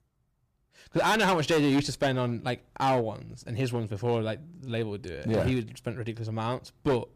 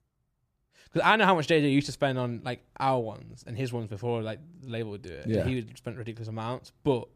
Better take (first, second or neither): second